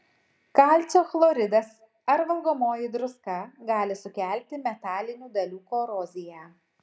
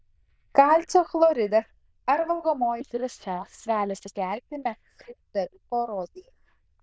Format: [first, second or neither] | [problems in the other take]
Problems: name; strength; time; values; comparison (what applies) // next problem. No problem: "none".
first | noise reduction (neural diffusion model UNIVERSE++)